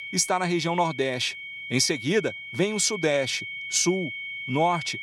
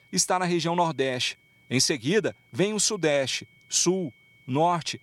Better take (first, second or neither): second